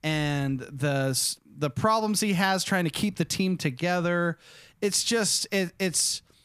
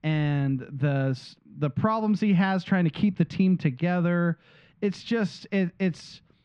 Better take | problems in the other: first | muffled; slightly; fading above 3 kHz

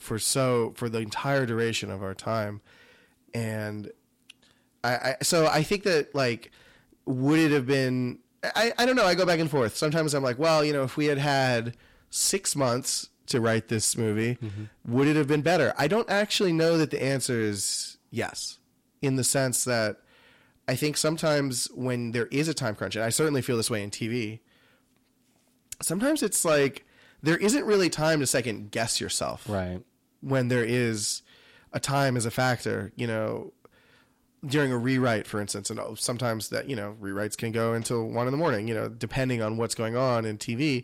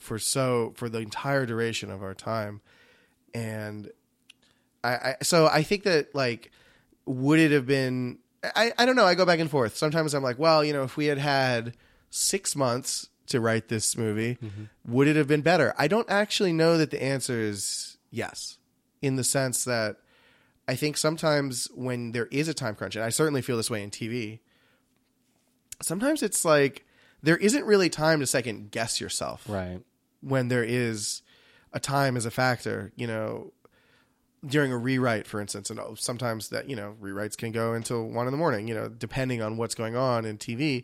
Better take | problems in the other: second | distortion; slight; 10 dB below the speech

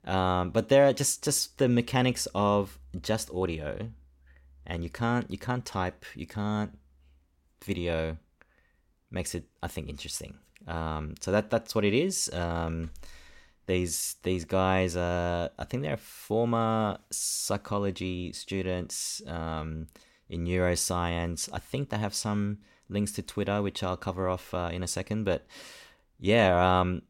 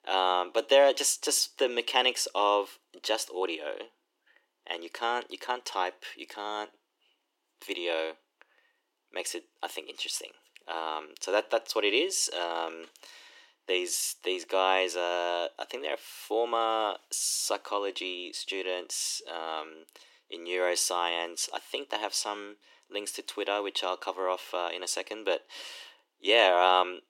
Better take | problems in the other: first | thin; very; fading below 300 Hz

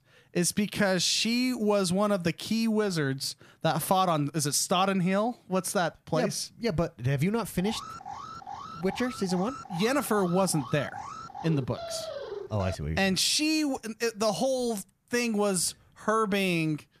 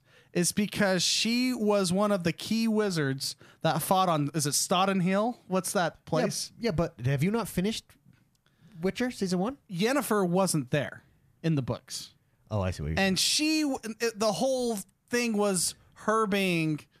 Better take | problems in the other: second | alarm; noticeable; from 7.5 to 13 s; peak 9 dB below the speech

